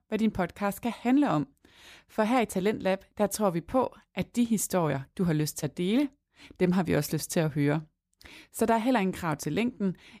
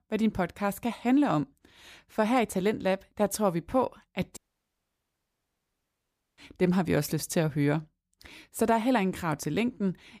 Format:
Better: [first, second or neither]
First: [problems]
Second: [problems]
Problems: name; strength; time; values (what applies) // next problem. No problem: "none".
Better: first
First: none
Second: audio cutting out; at 4.5 s for 2 s